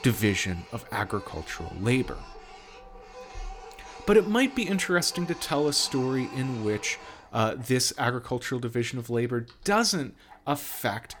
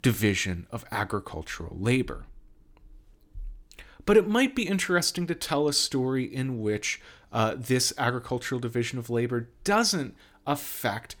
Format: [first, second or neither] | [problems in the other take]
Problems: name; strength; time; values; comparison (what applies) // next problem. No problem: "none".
second | household noises; noticeable; throughout; 20 dB below the speech